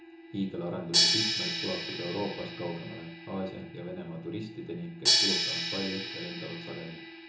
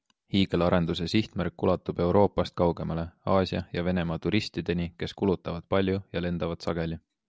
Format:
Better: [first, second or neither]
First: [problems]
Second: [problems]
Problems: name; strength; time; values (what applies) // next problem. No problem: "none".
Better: second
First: background sound (Crash cymbal); 5 dB above the speech // room echo; dies away in 0.6 s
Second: none